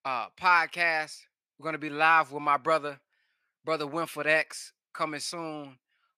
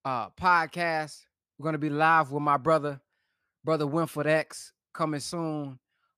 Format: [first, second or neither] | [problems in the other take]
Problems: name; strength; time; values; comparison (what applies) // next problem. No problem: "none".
second | thin; somewhat; fading below 1 kHz